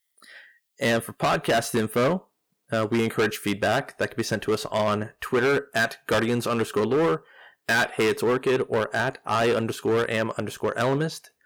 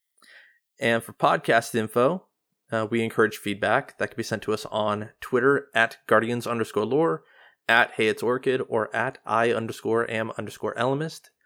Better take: second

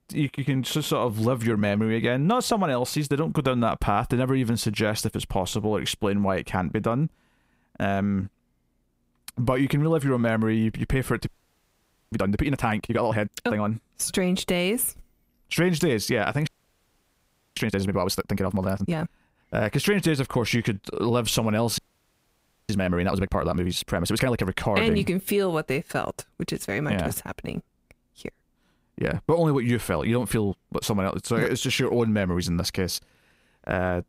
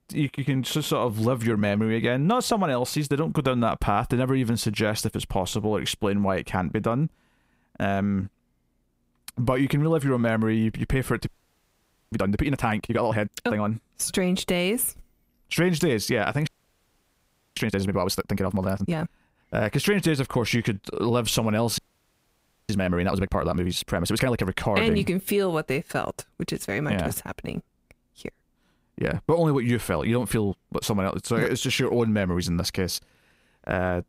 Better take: neither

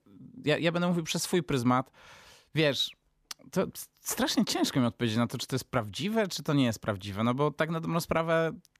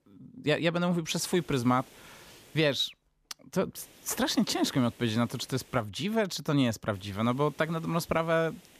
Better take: first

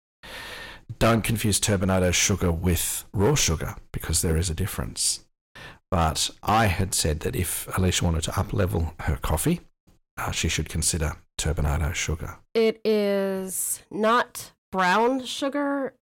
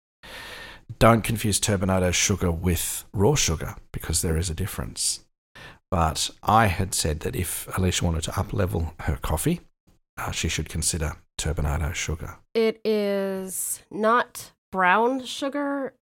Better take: second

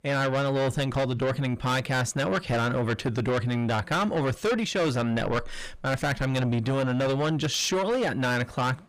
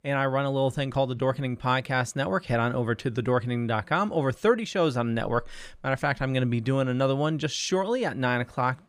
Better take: second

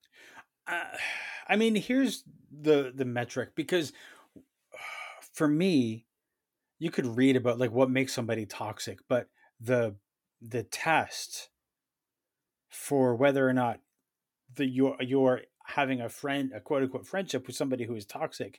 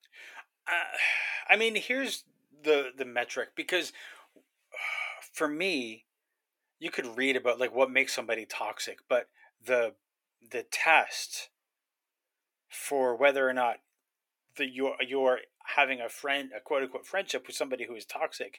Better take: first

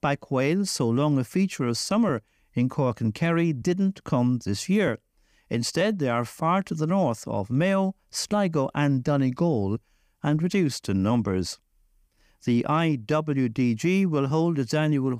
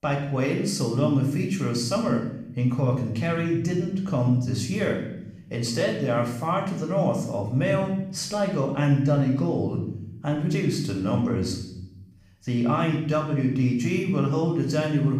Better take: first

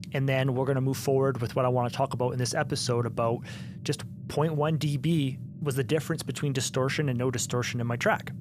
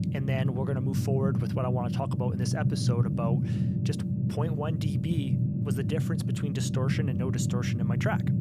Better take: first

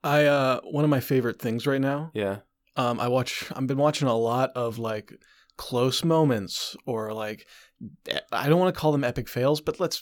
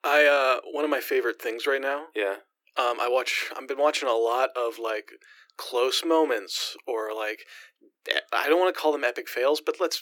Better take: first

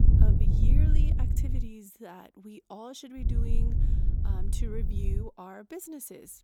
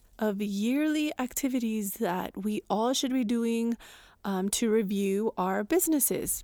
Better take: second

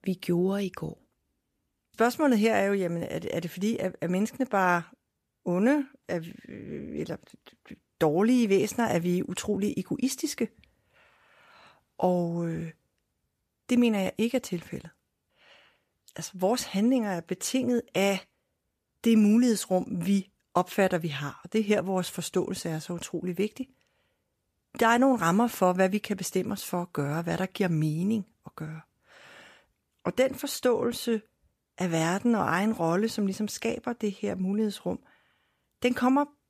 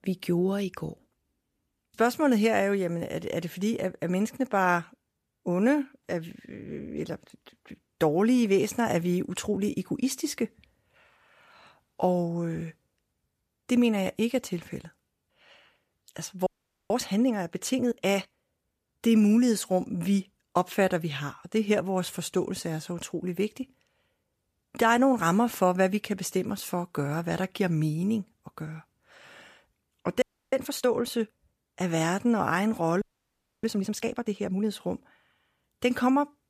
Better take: first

